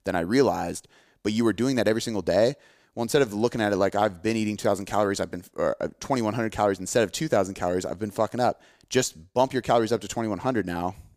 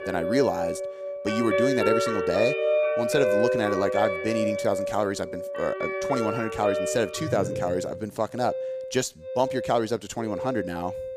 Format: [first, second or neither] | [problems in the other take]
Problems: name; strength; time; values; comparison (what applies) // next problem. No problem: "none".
first | background music; loud; throughout; as loud as the speech